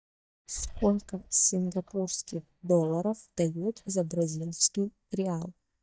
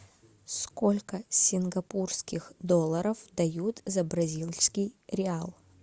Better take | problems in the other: second | noise reduction (neural mask model DeepFilterNet 3)

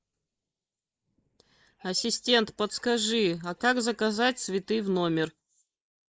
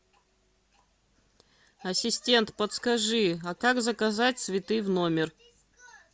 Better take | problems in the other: second | noise reduction (neural mask model Resemble Enhance denoiser)

